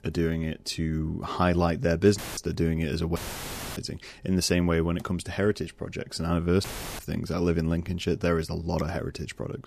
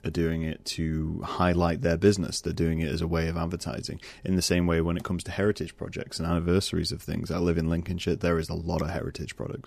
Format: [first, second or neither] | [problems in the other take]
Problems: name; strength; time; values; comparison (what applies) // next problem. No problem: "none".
second | audio cutting out; filled with static; at 2 s, at 3 s for 0.5 s and at 6.5 s